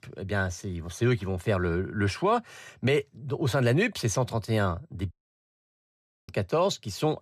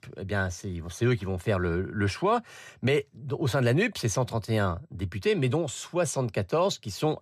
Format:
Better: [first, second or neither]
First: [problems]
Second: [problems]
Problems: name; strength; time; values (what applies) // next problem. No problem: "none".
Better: second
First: audio cutting out; at 5 s for 1 s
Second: none